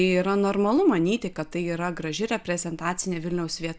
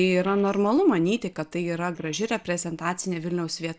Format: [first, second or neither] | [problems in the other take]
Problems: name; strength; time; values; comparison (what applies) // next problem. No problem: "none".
first | noise reduction (neural separator model SepFormer DNS4)